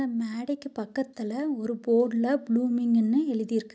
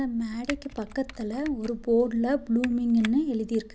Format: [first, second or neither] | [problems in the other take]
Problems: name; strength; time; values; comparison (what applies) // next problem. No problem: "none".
first | background sound (Tick + Typing); 17 dB below the speech